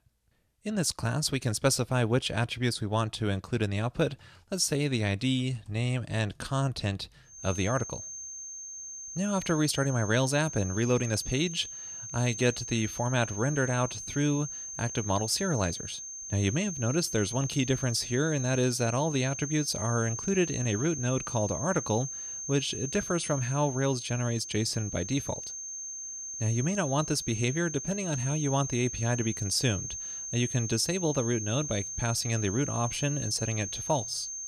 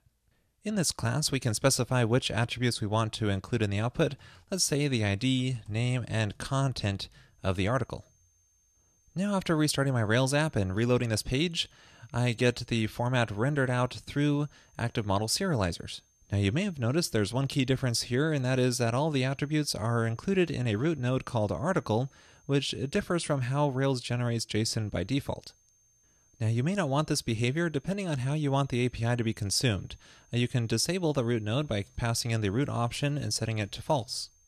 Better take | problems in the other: second | high-pitched whine; loud; from 7.5 s on; 6.5 kHz, 6 dB below the speech; faint in the second

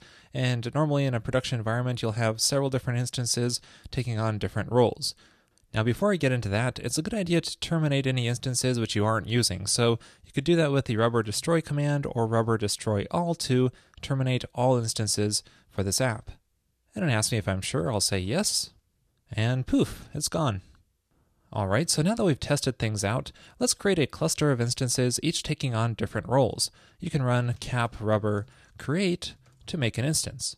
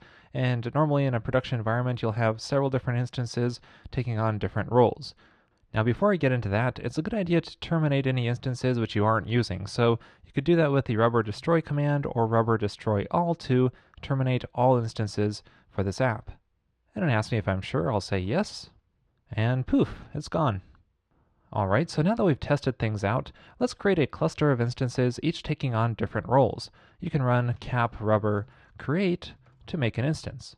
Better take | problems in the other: first | muffled; slightly; fading above 2.5 kHz

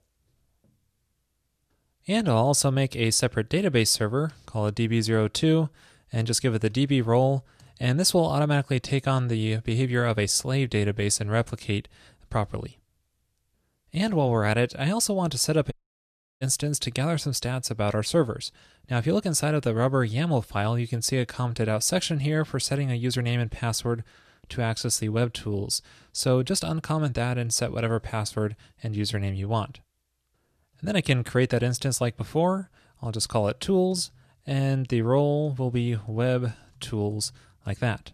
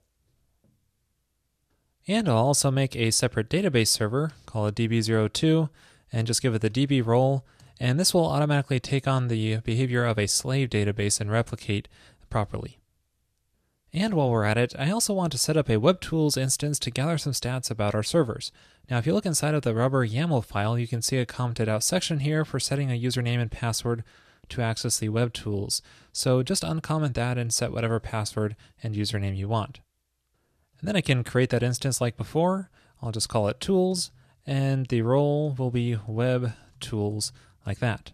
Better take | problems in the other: second | audio cutting out; at 16 s for 0.5 s

